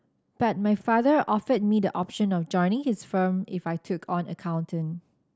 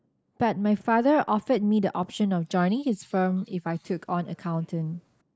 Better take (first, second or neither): first